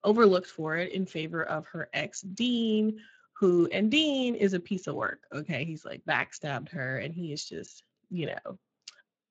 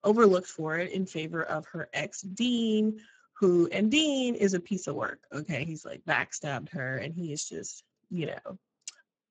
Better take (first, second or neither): first